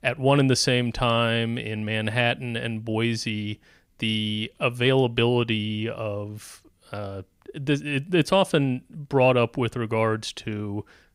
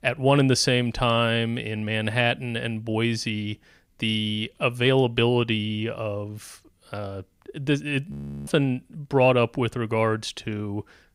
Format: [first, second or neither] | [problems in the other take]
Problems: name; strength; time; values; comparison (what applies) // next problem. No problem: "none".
first | audio freezing; at 8 s